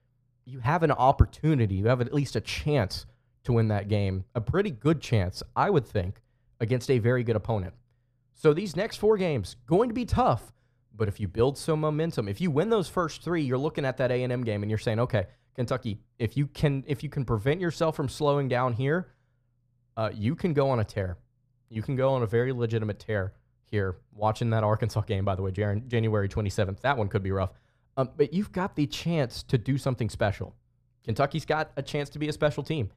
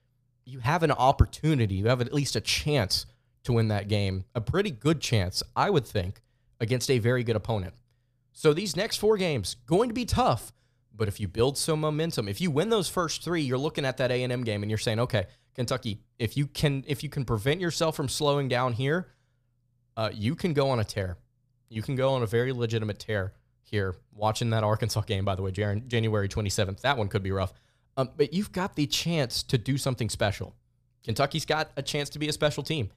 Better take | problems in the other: second | muffled; slightly; fading above 2.5 kHz

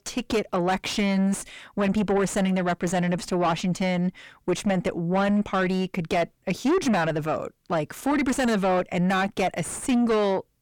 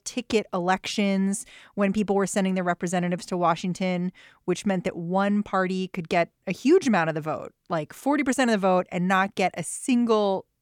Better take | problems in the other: second | distortion; heavy; 7 dB below the speech

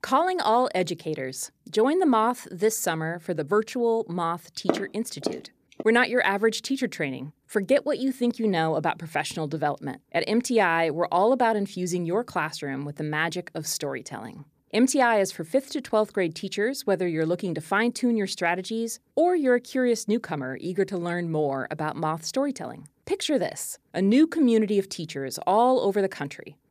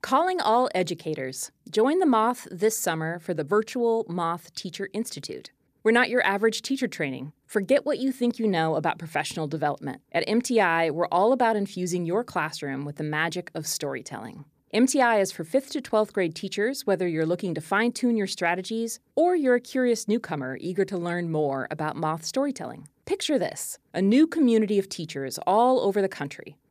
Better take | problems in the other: second | footsteps; noticeable; from 4.5 to 6 s; peak 3 dB below the speech

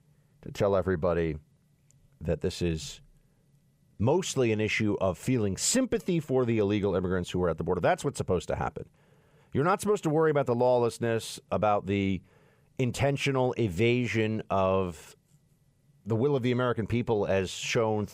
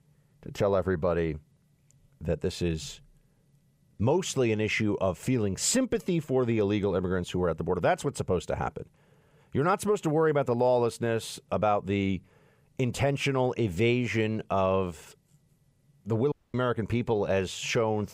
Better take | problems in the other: first | audio cutting out; at 16 s

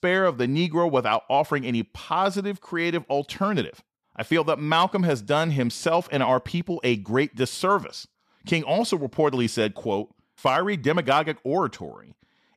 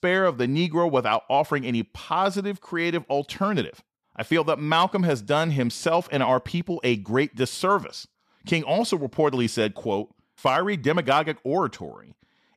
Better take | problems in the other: neither | none

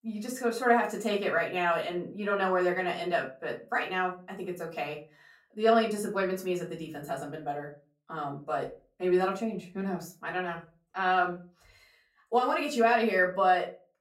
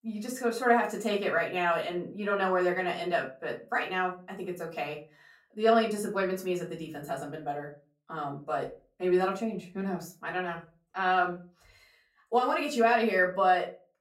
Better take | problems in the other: neither | off-mic speech; far; the same in both // room echo; very slight; dies away in 0.3 s; the same in both

